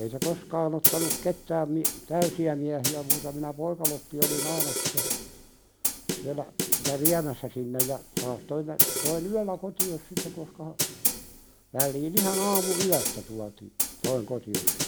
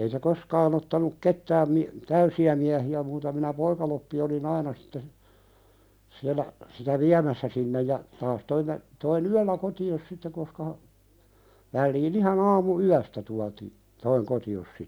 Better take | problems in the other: second | background sound (Snare drum); 1 dB above the speech

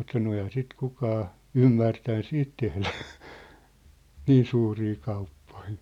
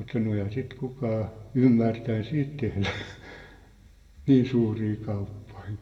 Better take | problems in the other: first | room echo; dies away in 1.1 s

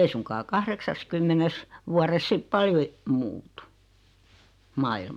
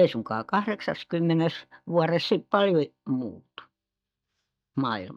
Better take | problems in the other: first | noise reduction (neural mask model DeepFilterNet 3)

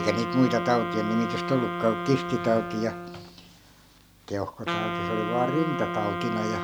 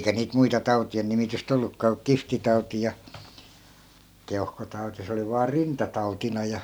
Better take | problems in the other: second | background sound (Wind instrument, woodwind instrument); 4 dB below the speech

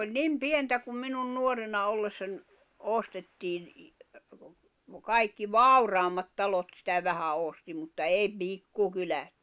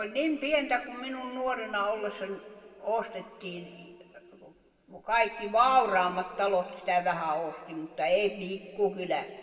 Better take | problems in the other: first | room echo; dies away in 2 s

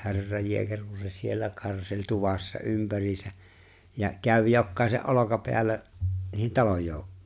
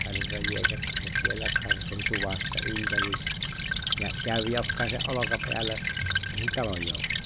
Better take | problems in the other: first | background sound (Stream / Trickle, dribble); 4 dB above the speech

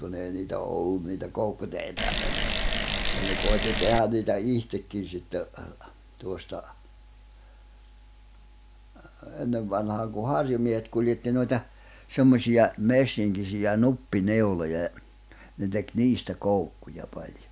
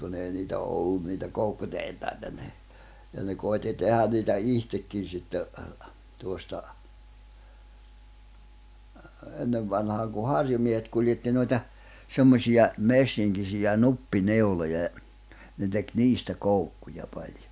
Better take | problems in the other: second | background sound (Bicycle); 1 dB above the speech

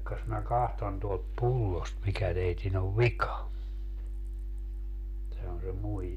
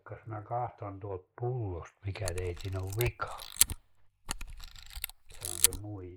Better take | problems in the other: first | noise reduction (neural mask model Resemble Enhance denoiser)

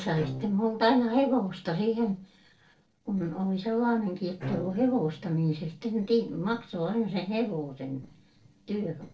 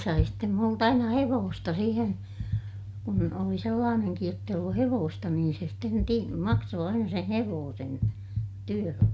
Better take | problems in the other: second | noise reduction (neural separator model SepFormer DNS4)

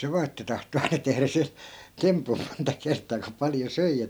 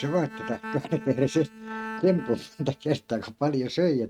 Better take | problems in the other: first | noise reduction (neural mask model RNNoise)

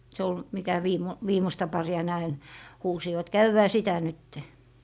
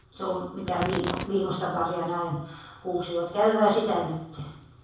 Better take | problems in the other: first | background sound (Tearing); 13 dB below the speech // room echo; dies away in 0.7 s

